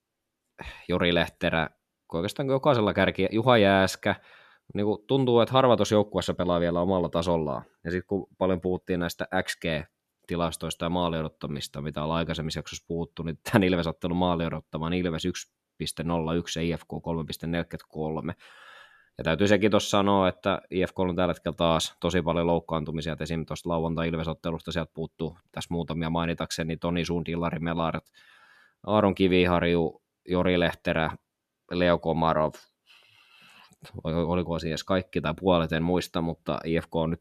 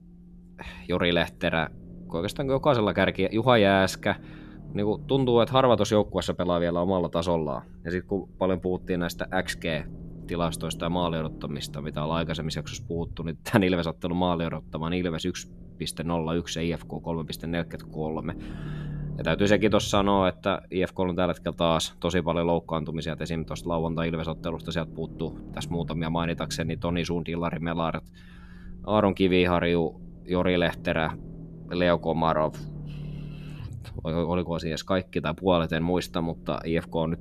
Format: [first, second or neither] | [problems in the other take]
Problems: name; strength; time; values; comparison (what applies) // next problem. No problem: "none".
first | low rumble; faint; throughout; 25 dB below the speech